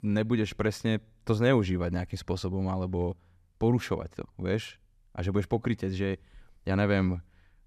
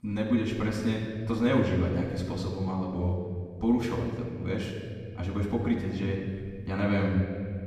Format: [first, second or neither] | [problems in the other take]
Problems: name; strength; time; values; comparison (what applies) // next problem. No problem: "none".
first | off-mic speech; far // room echo; noticeable; dies away in 1.9 s